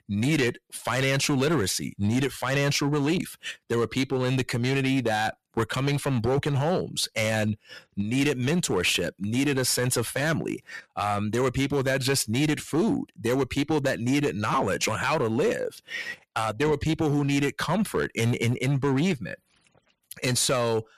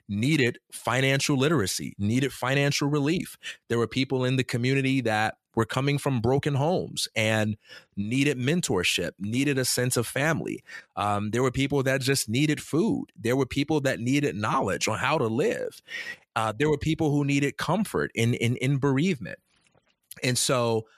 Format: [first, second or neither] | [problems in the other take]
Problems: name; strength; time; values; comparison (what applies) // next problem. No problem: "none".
second | distortion; slight; 7% of the sound clipped